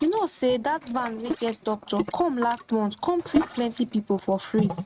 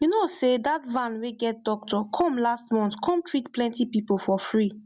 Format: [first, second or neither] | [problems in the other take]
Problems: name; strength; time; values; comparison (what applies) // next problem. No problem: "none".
second | noise reduction (neural mask model RNNoise)